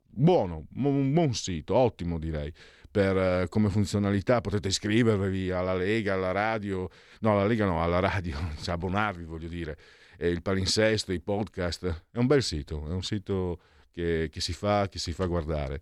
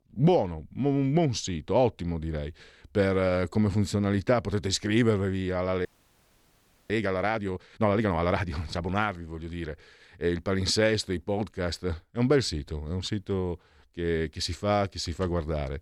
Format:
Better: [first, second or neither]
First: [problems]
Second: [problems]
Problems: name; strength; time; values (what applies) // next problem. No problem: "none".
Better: first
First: none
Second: audio freezing; at 6 s for 1 s